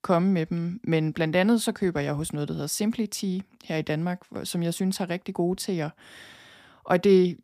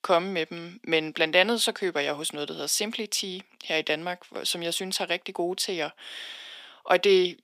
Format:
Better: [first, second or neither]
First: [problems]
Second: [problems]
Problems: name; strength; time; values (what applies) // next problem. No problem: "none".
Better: first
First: none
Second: thin; somewhat; fading below 450 Hz